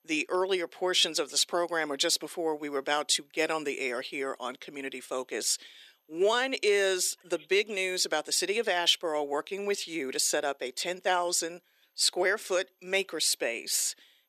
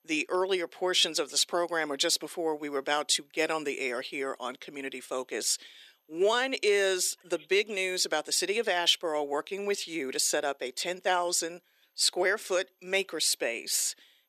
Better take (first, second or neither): neither